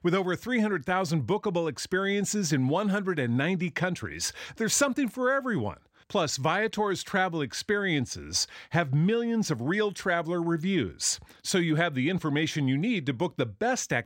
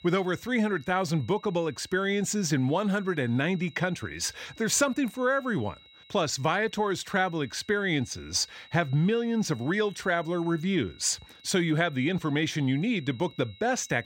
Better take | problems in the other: first | high-pitched whine; faint; throughout; 4 kHz, 25 dB below the speech

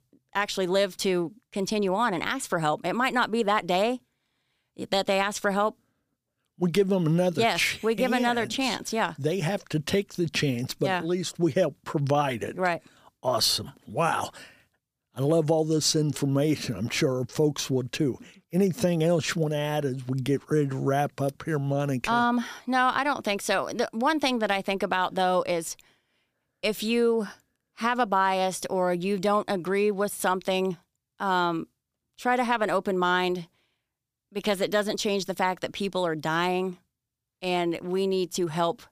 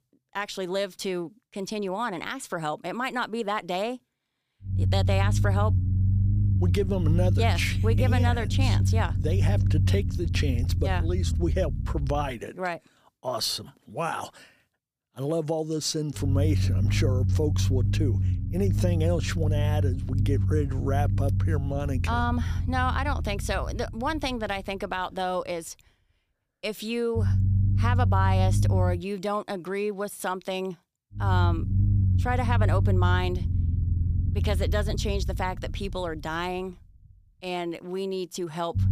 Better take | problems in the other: first | low rumble; loud; from 4.5 to 12 s, from 16 to 29 s and from 31 s on; 10 dB below the speech

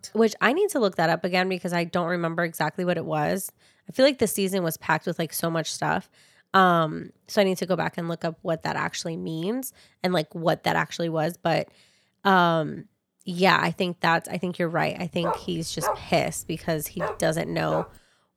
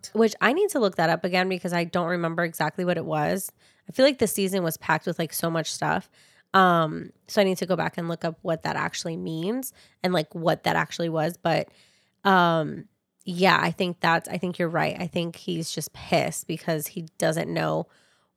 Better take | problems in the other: second | dog barking; noticeable; from 15 to 18 s; peak 5 dB below the speech

